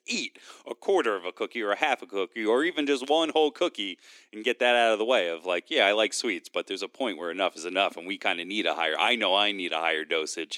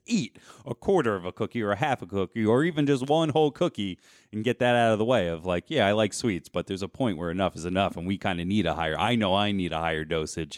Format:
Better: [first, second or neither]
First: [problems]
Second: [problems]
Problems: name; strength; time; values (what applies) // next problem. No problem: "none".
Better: second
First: thin; somewhat; fading below 300 Hz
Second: none